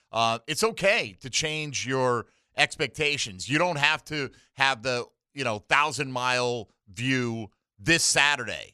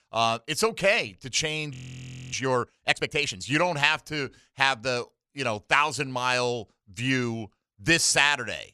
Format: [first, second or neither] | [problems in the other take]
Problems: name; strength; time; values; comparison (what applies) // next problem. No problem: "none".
first | audio freezing; at 1.5 s for 0.5 s